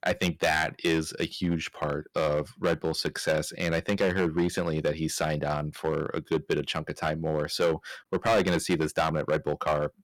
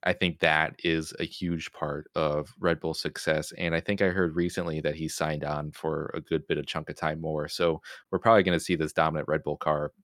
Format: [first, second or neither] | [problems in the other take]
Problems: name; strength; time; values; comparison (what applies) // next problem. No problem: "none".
second | distortion; heavy; 5% of the sound clipped